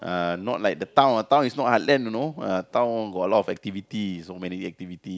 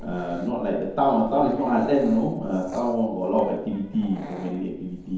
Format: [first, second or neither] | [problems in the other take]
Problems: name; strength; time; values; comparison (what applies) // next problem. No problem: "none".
first | background sound (Dog); 17 dB below the speech // room echo; dies away in 0.9 s